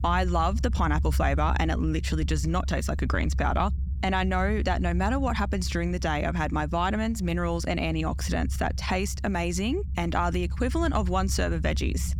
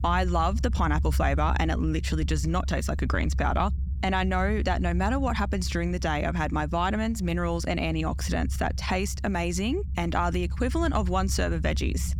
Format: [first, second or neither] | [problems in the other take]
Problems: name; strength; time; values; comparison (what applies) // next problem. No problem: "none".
neither | low rumble; noticeable; throughout; 20 dB below the speech; the same in both